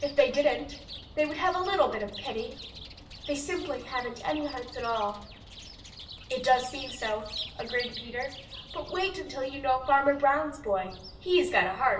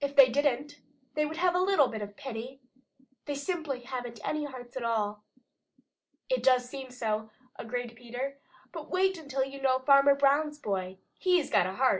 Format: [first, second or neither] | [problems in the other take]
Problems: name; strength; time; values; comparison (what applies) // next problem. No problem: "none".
second | background sound (Chirp, tweet); 14 dB below the speech // room echo; dies away in 0.7 s